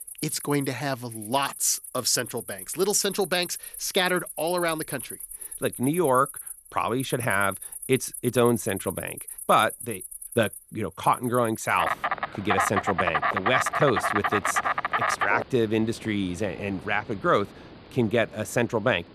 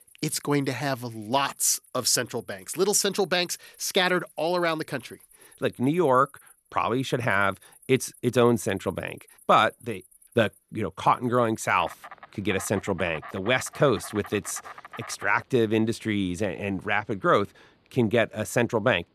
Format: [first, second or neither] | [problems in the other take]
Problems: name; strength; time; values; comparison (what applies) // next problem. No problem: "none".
second | animal sounds; loud; throughout; 5 dB below the speech; faint in the second